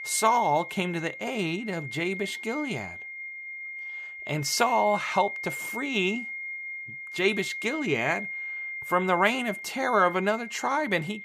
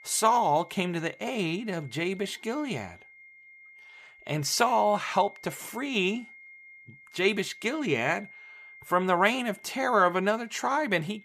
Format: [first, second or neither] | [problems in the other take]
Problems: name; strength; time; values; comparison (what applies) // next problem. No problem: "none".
second | high-pitched whine; loud; throughout; 2 kHz, 8 dB below the speech; faint in the second